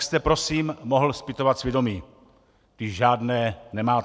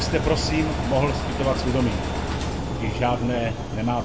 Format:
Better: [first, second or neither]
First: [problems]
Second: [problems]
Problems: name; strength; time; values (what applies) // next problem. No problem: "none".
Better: first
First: none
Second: background sound (Engine); 1 dB below the speech // room echo; dies away in 1 s